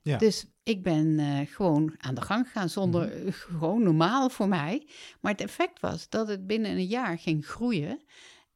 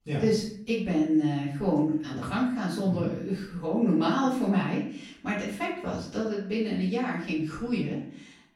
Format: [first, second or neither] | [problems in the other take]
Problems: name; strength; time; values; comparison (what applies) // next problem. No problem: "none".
first | off-mic speech; far // room echo; noticeable; dies away in 0.5 s